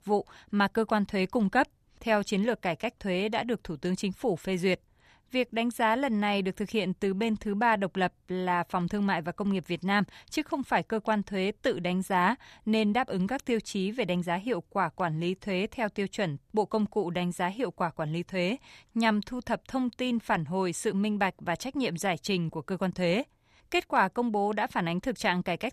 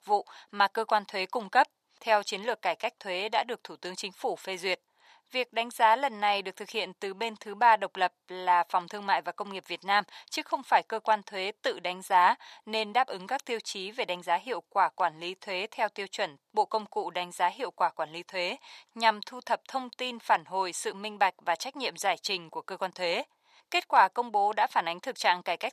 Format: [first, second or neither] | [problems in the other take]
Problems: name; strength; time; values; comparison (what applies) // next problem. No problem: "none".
first | thin; very; fading below 550 Hz